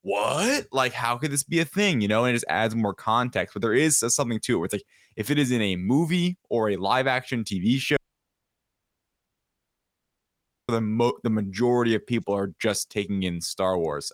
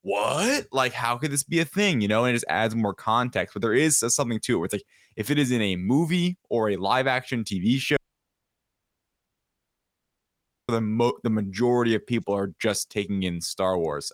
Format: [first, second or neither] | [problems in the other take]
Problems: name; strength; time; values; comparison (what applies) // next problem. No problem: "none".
neither | audio cutting out; at 8 s for 2.5 s; the same in both